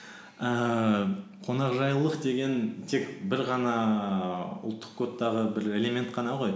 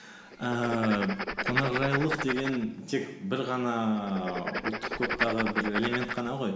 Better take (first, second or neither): first